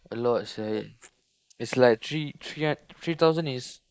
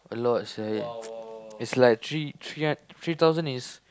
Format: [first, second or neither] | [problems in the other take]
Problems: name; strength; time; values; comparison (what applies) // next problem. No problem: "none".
second | noise reduction (neural mask model Resemble Enhance denoiser)